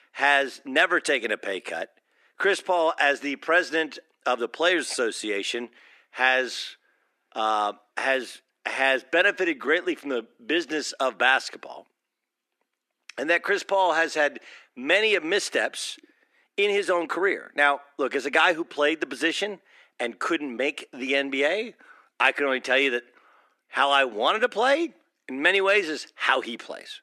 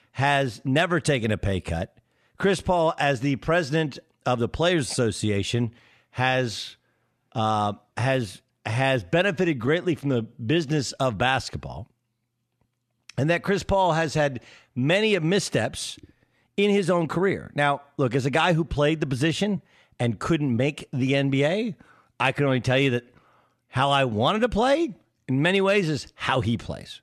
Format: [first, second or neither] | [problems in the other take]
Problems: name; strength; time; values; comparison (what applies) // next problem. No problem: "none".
second | thin; somewhat; fading below 300 Hz